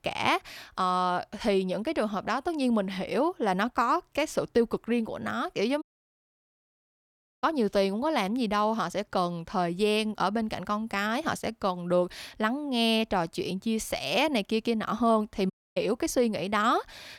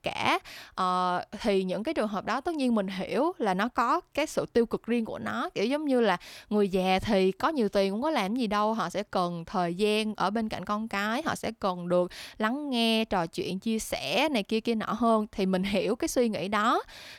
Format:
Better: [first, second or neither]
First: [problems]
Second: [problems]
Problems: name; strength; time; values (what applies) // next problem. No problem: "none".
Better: second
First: audio cutting out; at 6 s for 1.5 s and at 16 s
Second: none